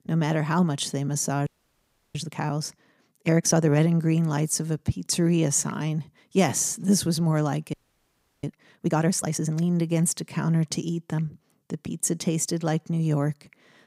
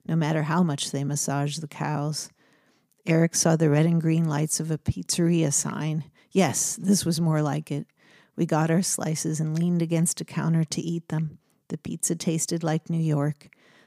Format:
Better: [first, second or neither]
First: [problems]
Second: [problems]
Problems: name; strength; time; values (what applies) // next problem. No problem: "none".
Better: second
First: audio freezing; at 1.5 s for 0.5 s and at 7.5 s for 0.5 s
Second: none